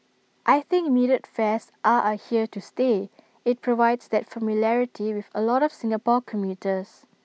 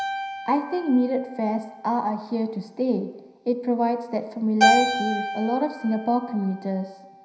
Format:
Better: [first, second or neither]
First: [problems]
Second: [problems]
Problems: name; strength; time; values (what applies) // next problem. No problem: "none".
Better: first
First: none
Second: background sound (Keyboard (musical)); 4 dB below the speech // room echo; dies away in 0.9 s